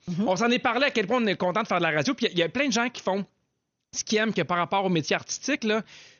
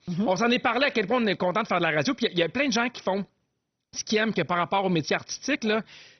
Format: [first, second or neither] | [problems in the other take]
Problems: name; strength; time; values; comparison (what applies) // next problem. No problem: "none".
first | garbled, watery; badly; nothing above 6 kHz; slightly in the first